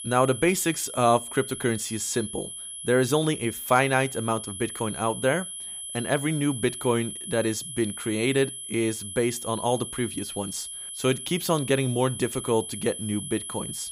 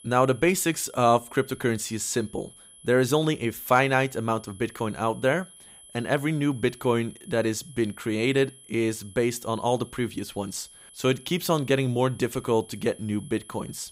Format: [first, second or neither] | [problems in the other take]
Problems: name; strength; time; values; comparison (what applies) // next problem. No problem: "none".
second | high-pitched whine; loud; throughout; 11 kHz, 8 dB below the speech; faint in the second